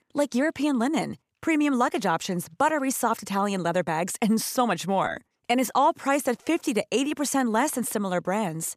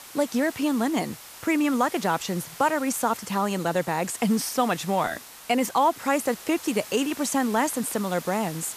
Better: first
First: none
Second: hiss; noticeable; throughout; 15 dB below the speech

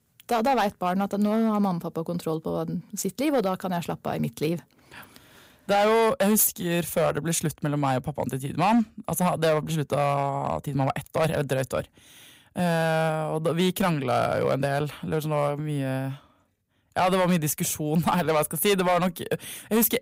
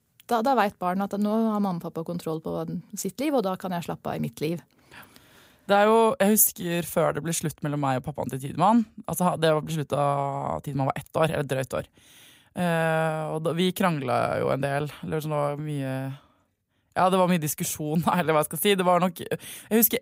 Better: second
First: distortion; slight; 5% of the sound clipped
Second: none

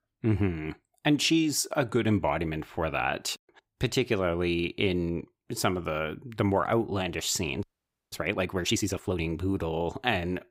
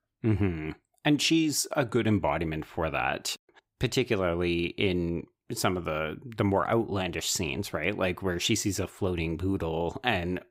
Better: second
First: audio freezing; at 7.5 s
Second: none

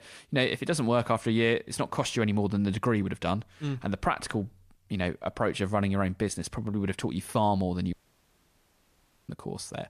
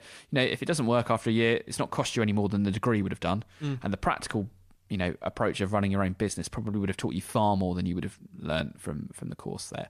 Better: second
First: audio cutting out; at 8 s for 1.5 s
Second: none

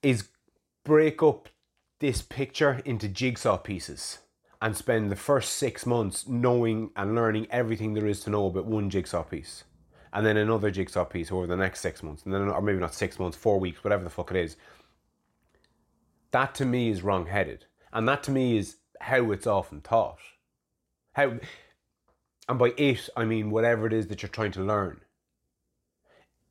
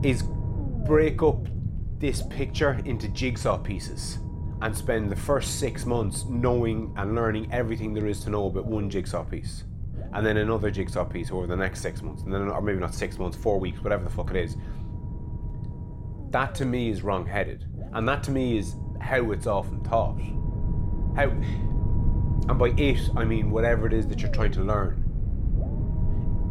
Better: first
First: none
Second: low rumble; noticeable; throughout; 15 dB below the speech

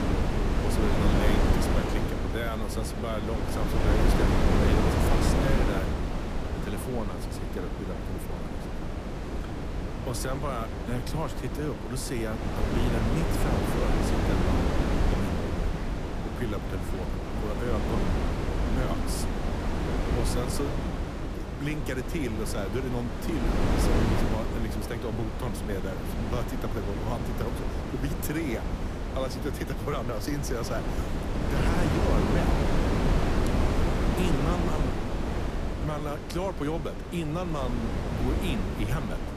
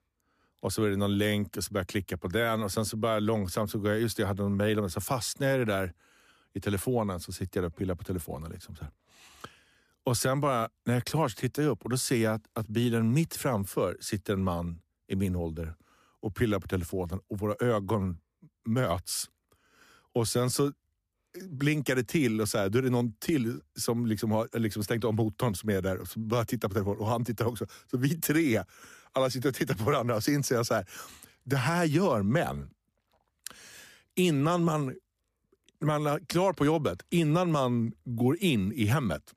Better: second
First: wind noise on the microphone; heavy; 2 dB above the speech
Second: none

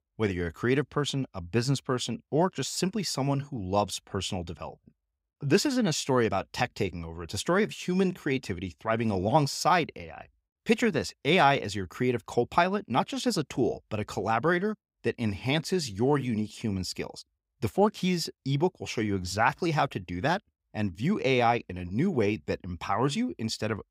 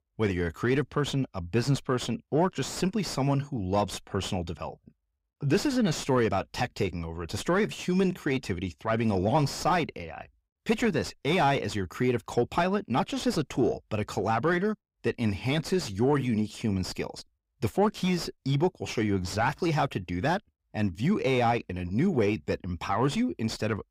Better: first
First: none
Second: distortion; slight; 9 dB below the speech

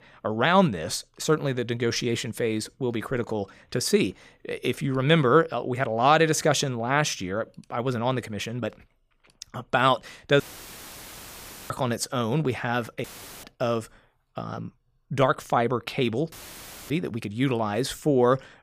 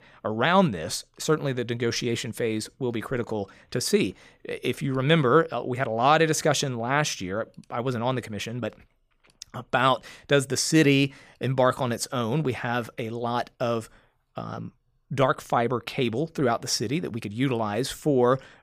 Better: second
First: audio cutting out; filled with static; at 10 s for 1.5 s, at 13 s and at 16 s for 0.5 s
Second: none

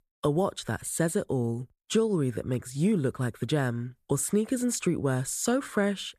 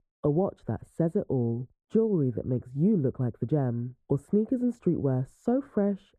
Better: first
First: none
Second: muffled; very; fading above 1.5 kHz

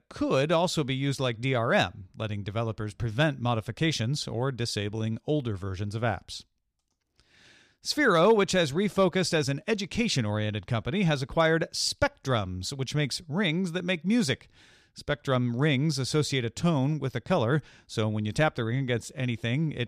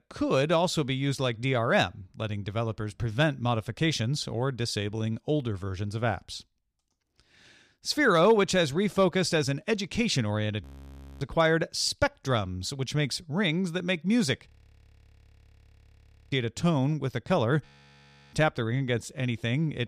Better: first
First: none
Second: audio freezing; at 11 s for 0.5 s, at 14 s for 2 s and at 18 s for 0.5 s

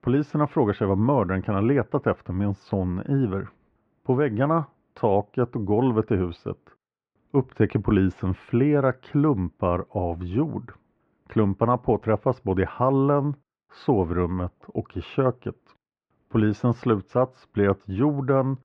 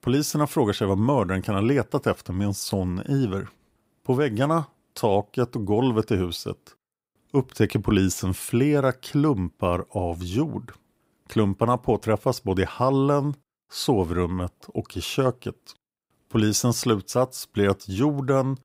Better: second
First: muffled; very; fading above 2 kHz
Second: none

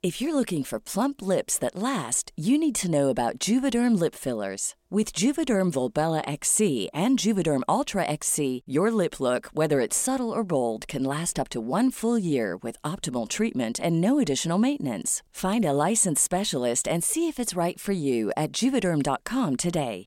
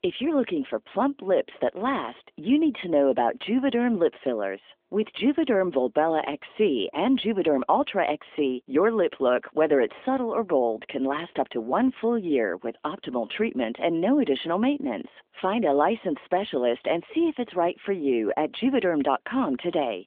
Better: first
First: none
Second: phone-call audio; nothing above 3.5 kHz

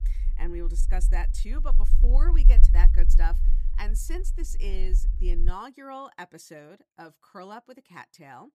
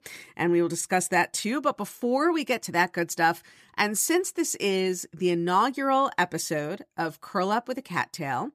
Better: second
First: low rumble; noticeable; until 5.5 s; 10 dB below the speech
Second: none

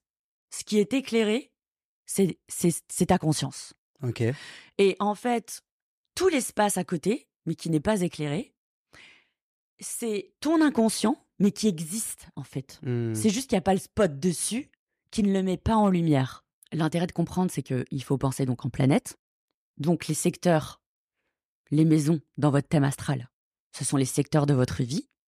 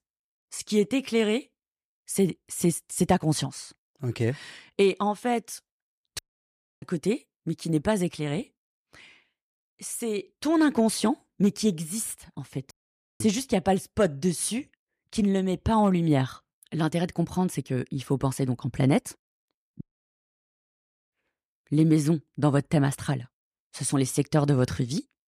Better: first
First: none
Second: audio cutting out; at 6 s for 0.5 s, at 13 s and at 20 s for 1.5 s

